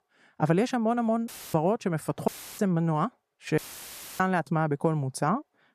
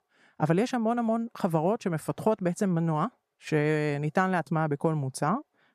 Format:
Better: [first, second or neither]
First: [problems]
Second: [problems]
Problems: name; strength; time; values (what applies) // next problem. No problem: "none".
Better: second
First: audio cutting out; filled with static; at 1.5 s, at 2.5 s and at 3.5 s for 0.5 s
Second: none